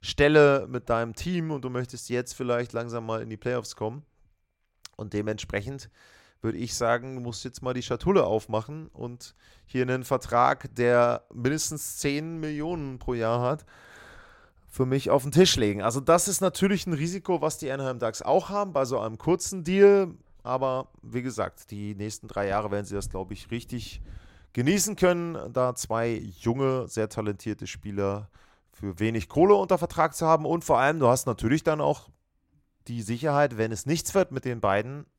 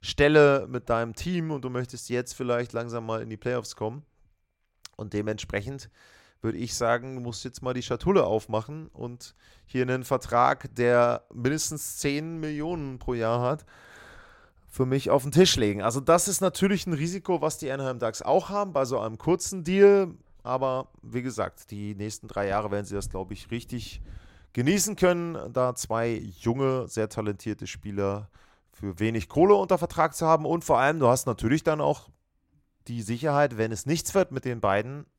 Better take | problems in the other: neither | none

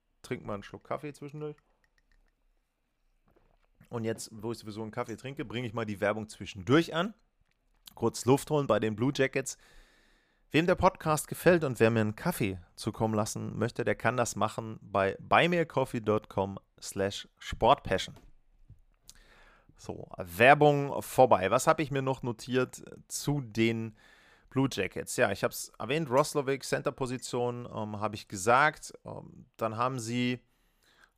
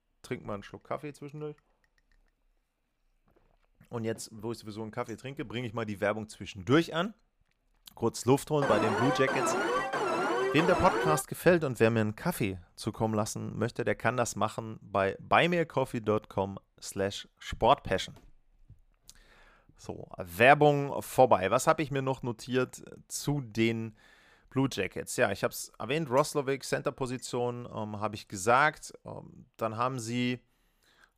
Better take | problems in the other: first | alarm; loud; from 8.5 to 11 s; peak 1 dB above the speech

